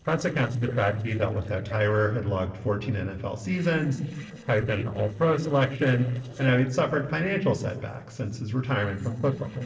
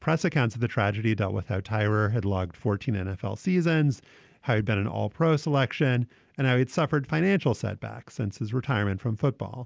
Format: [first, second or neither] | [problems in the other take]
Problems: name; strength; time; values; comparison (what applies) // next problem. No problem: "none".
second | noise reduction (neural separator model SepFormer DNS4)